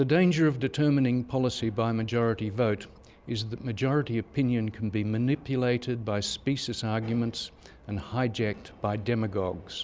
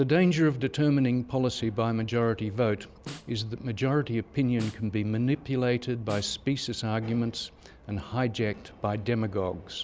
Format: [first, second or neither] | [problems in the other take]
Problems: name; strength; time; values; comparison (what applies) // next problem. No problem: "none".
first | background sound (Snare drum); 19 dB below the speech